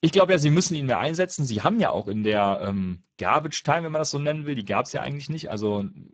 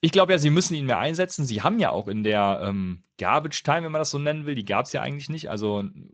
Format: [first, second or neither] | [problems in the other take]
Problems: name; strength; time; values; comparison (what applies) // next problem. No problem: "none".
second | garbled, watery; badly; slightly in the second